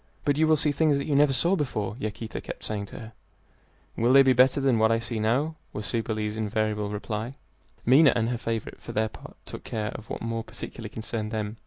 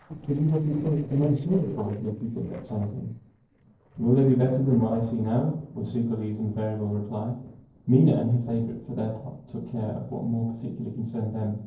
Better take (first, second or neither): first